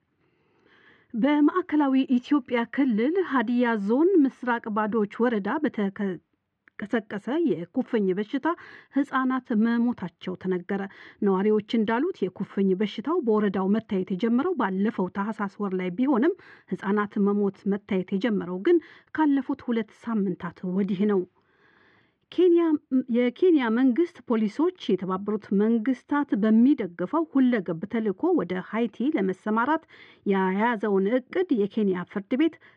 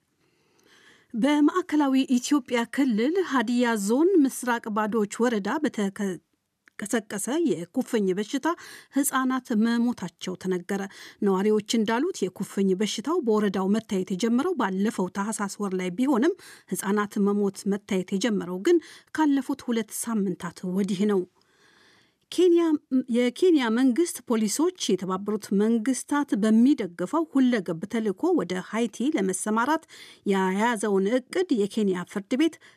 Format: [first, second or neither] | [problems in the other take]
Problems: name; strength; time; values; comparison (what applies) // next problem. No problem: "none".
second | muffled; very; fading above 2.5 kHz